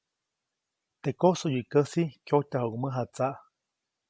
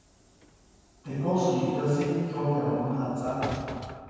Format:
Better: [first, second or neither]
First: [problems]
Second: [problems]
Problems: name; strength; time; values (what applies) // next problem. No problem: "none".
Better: first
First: none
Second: background sound (Sliding door / Train); 14 dB below the speech // room echo; dies away in 2.1 s